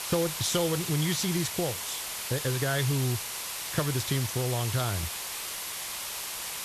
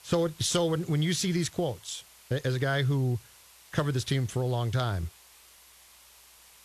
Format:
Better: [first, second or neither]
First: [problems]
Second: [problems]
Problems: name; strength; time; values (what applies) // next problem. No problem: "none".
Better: second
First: hiss; loud; throughout; 3 dB below the speech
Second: hiss; faint; throughout; 25 dB below the speech